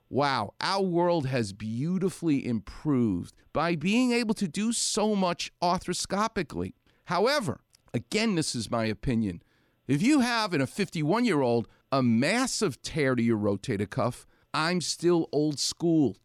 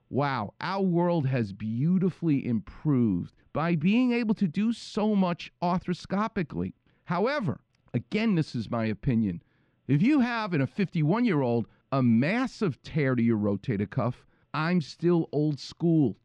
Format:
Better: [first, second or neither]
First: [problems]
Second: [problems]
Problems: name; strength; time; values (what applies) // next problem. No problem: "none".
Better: first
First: none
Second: muffled; slightly; fading above 2.5 kHz